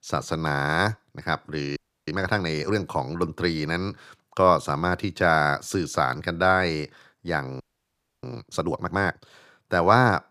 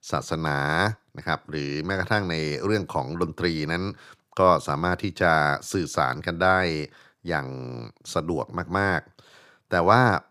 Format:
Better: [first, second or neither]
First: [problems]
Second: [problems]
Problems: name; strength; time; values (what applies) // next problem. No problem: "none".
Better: second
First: audio freezing; at 2 s and at 7.5 s for 0.5 s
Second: none